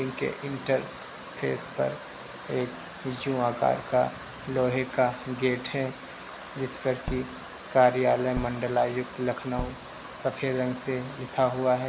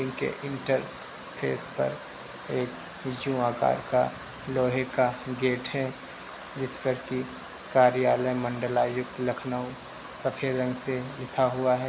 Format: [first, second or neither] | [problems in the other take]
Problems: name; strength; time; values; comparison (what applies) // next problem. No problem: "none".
second | background sound (Tap / Bass drum); 12 dB below the speech